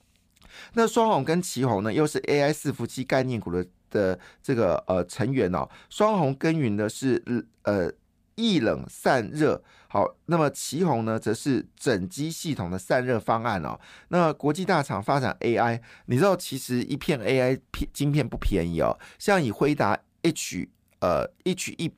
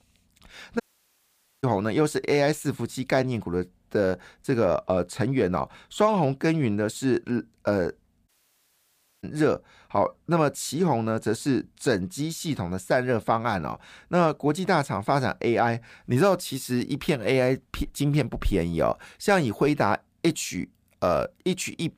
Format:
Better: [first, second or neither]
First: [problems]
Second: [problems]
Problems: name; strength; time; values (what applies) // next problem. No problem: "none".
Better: first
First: none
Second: audio cutting out; at 1 s for 1 s and at 8.5 s for 1 s